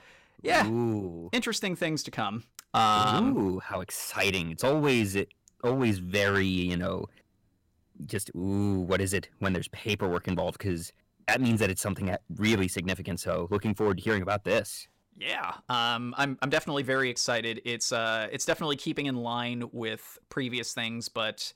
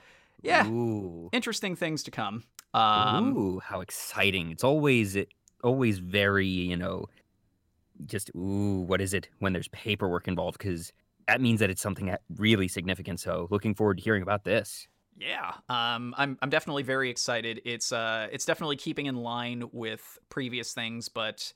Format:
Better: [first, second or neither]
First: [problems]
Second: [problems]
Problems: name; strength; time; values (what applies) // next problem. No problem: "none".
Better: second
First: distortion; slight; 3% of the sound clipped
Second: none